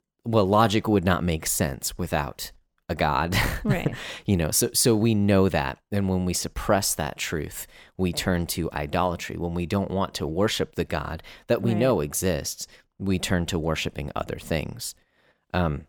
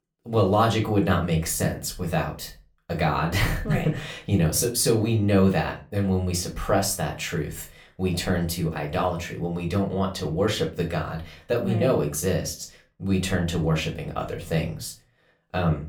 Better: first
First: none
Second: off-mic speech; somewhat distant // room echo; very slight; dies away in 0.3 s

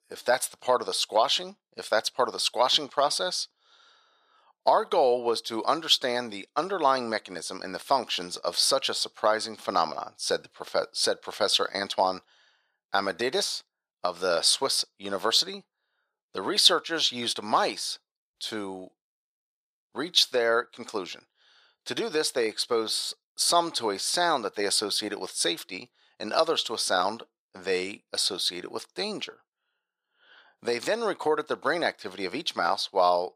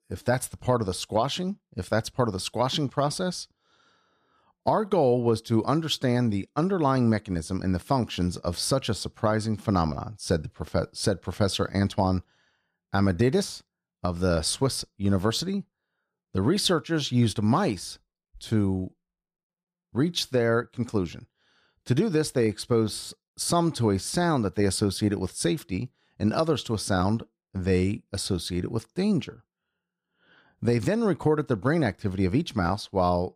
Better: second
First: thin; very; fading below 650 Hz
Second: none

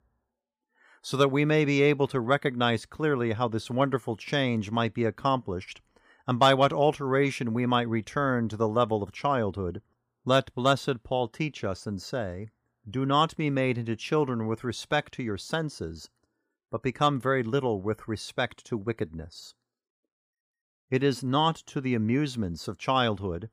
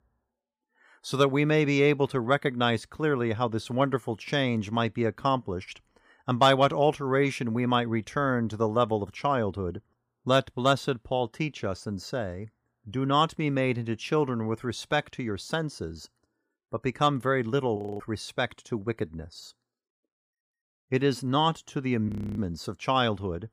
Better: first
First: none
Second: audio freezing; at 18 s and at 22 s

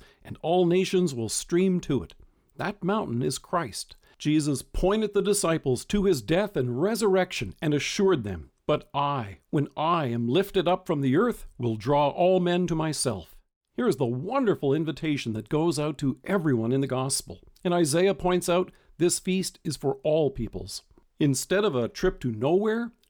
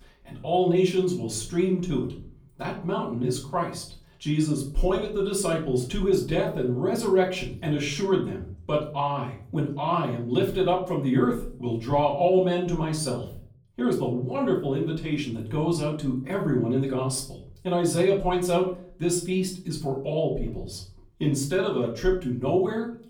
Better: first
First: none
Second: off-mic speech; far // room echo; slight; dies away in 0.4 s

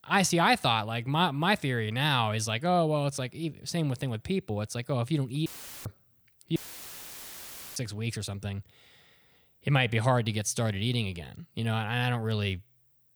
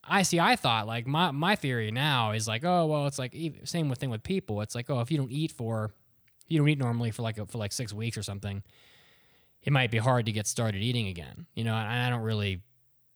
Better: second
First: audio cutting out; filled with static; at 5.5 s and at 6.5 s for 1 s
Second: none

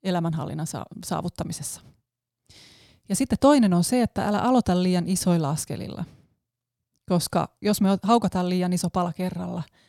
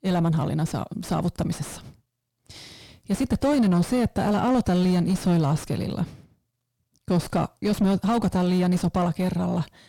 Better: first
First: none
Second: distortion; heavy; 5 dB below the speech

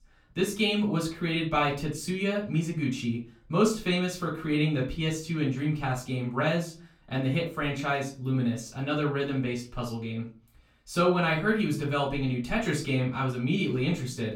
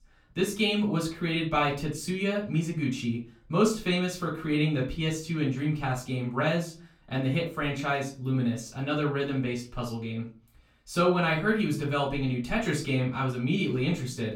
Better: neither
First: off-mic speech; far // room echo; slight; dies away in 0.3 s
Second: off-mic speech; far // room echo; slight; dies away in 0.3 s

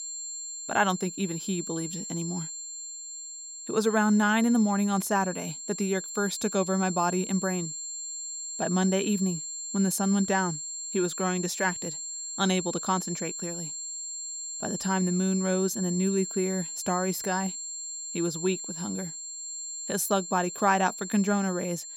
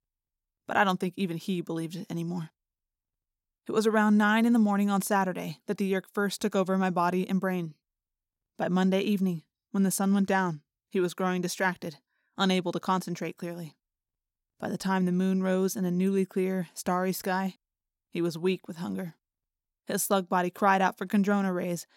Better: second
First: high-pitched whine; loud; throughout; 7.5 kHz, 6 dB below the speech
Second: none

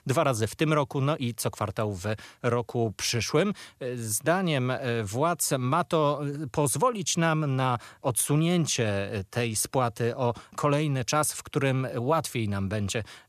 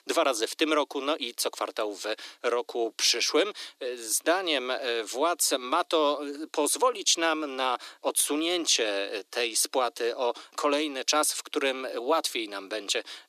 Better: first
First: none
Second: thin; somewhat; fading below 300 Hz

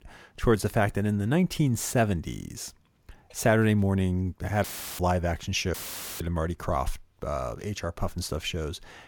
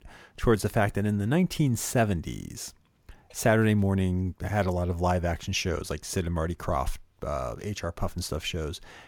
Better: second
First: audio cutting out; filled with static; at 4.5 s and at 5.5 s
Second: none

